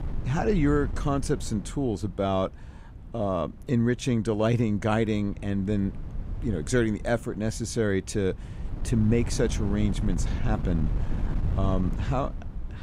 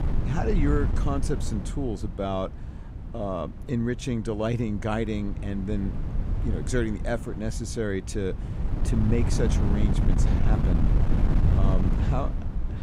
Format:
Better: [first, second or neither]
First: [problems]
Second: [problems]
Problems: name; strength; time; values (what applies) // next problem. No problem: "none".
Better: first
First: wind noise on the microphone; occasional gusts; 15 dB below the speech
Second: wind noise on the microphone; heavy; 6 dB below the speech